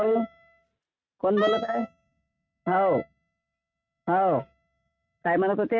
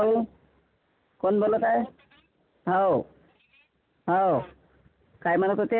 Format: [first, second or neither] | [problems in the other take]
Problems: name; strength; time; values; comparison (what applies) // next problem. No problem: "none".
second | noise reduction (neural mask model RNNoise)